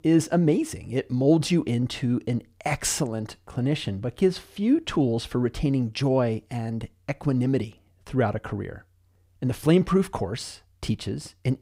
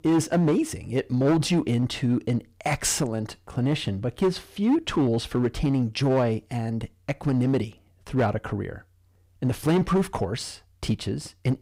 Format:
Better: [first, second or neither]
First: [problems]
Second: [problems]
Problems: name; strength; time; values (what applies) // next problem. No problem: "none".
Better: first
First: none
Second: distortion; slight; 6% of the sound clipped